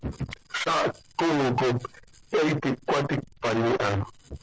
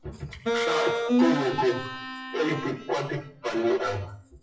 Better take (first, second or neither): first